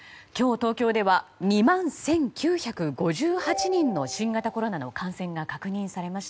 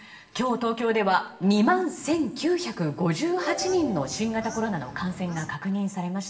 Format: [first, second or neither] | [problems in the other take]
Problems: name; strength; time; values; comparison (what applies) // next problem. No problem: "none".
first | background sound (Bird / Fowl); 16 dB below the speech // room echo; dies away in 2 s